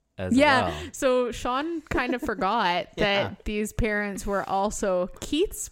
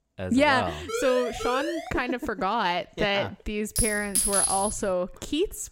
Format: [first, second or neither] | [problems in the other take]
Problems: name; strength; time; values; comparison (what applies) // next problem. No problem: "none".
first | siren; noticeable; from 1 to 2 s; peak 3 dB below the speech // clattering dishes; loud; from 4 to 5 s; peak 5 dB above the speech